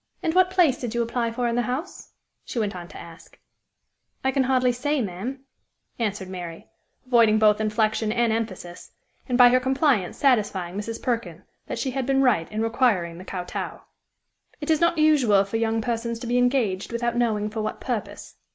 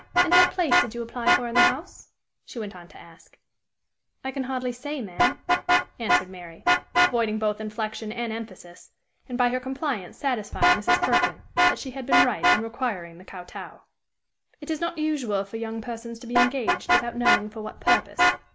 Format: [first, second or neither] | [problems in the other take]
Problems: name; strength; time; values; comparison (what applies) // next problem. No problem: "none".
first | background sound (Vehicle horn, car horn, honking + Vehicle horn, car horn, honking); 3 dB above the speech